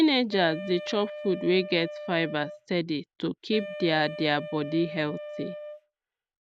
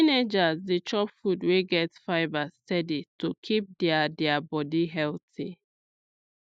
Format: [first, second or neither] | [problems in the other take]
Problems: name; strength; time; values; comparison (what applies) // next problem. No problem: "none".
second | background sound (Wind instrument, woodwind instrument); 12 dB below the speech